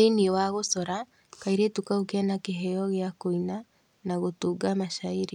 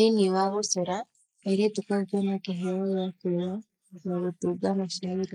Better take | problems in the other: first | noise reduction (neural mask model Resemble Enhance denoiser)

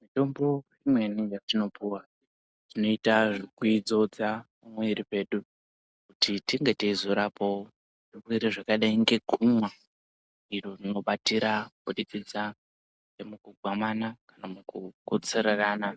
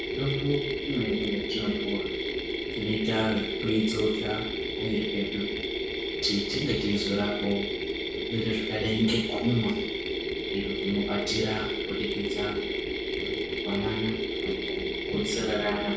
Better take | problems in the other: first | background sound (Mechanisms); as loud as the speech // room echo; dies away in 0.6 s

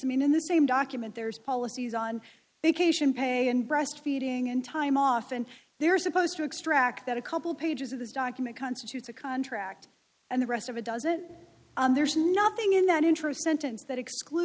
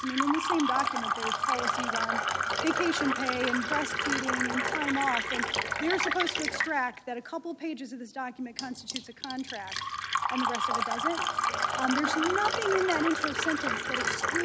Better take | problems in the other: first | background sound (Fill (with liquid)); 2 dB above the speech

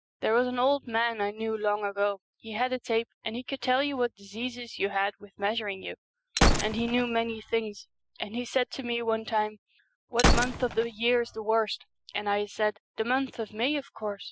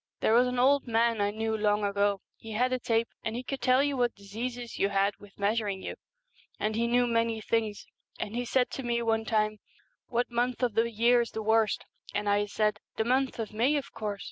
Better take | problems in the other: second | noise reduction (classical method Wiener filter)

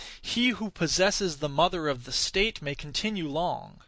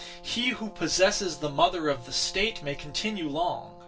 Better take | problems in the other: first | background sound (Brass instrument); 19 dB below the speech // room echo; dies away in 0.2 s

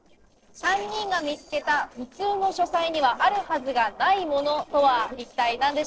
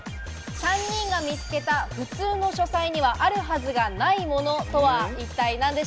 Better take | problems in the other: second | noise reduction (neural separator model SepFormer DNS4)

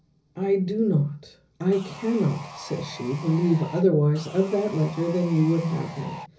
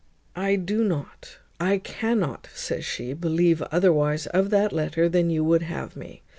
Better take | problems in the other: second | background sound (Sawing); 17 dB below the speech // room echo; dies away in 0.5 s

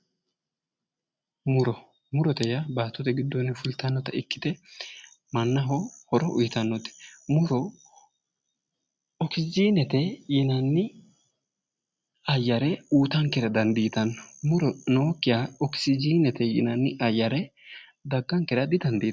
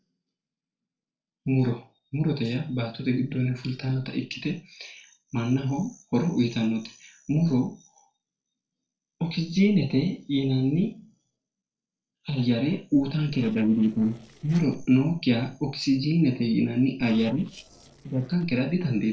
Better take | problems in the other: first | noise reduction (neural separator model SepFormer DNS4)

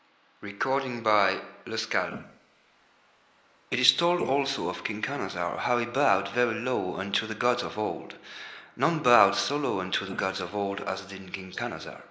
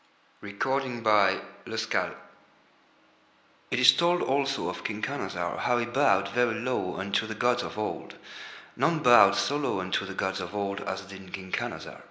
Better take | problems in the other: second | noise reduction (neural mask model Resemble Enhance denoiser)

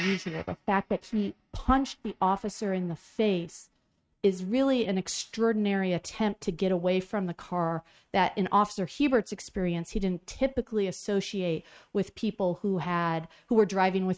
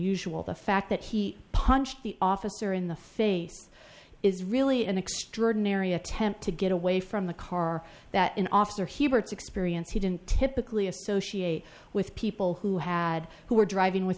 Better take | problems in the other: second | noise reduction (neural mask model RNNoise)

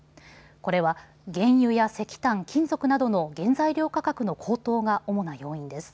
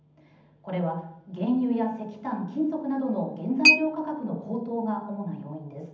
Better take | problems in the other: first | background sound (Chink, clink); 2 dB below the speech // room echo; dies away in 0.8 s

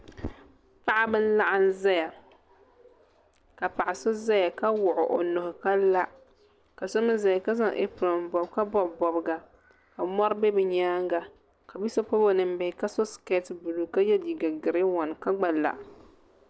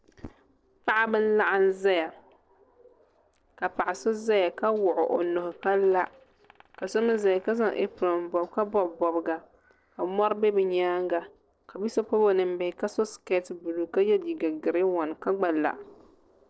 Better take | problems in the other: first | noise reduction (neural separator model SepFormer DNS4)

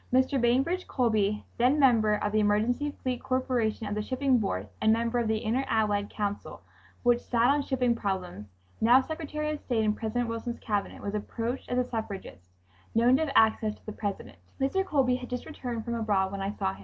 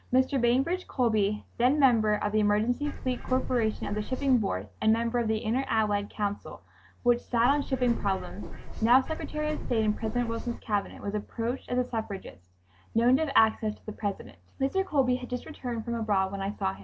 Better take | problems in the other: first | background sound (Bird); 7 dB below the speech

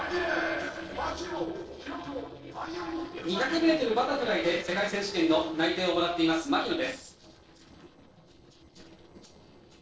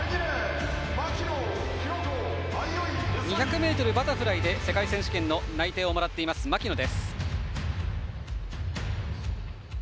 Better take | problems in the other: second | noise reduction (neural separator model SepFormer DNS4)

